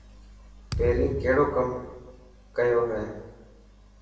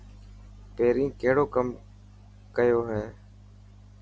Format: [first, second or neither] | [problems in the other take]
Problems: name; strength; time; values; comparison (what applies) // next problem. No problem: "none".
second | background sound (Thump, thud); 8 dB below the speech // room echo; dies away in 0.9 s